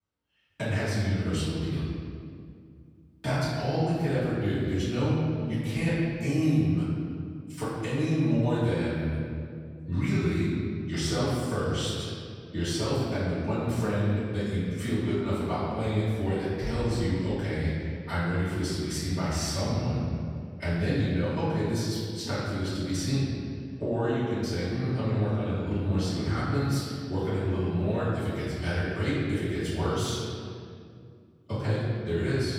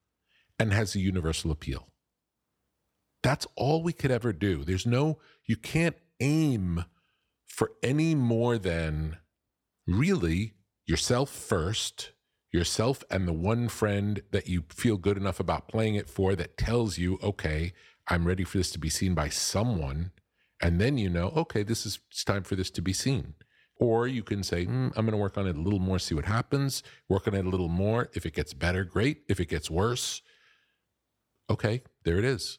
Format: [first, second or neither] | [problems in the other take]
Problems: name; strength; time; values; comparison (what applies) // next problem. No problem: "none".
second | room echo; strong; dies away in 2.1 s // off-mic speech; far